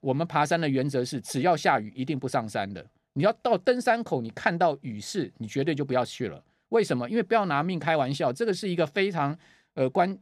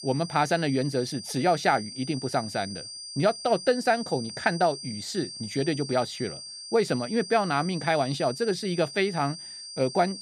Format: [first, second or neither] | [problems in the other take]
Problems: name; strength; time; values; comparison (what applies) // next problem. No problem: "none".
first | high-pitched whine; noticeable; throughout; 4.5 kHz, 10 dB below the speech